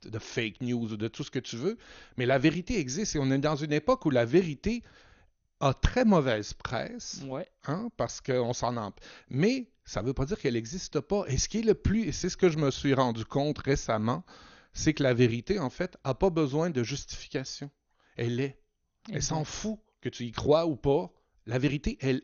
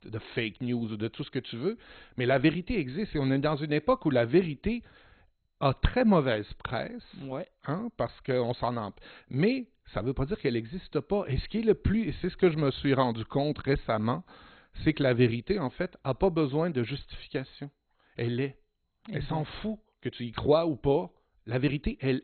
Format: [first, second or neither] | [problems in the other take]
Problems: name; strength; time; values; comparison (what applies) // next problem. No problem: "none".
first | garbled, watery; badly; nothing above 4 kHz; slightly in the first